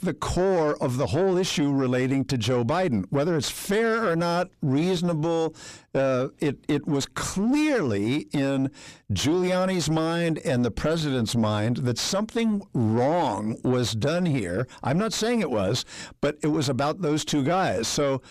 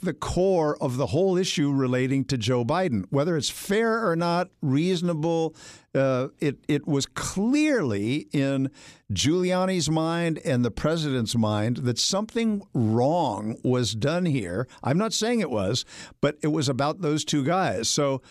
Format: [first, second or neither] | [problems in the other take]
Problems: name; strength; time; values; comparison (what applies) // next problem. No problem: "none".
second | distortion; slight; 9 dB below the speech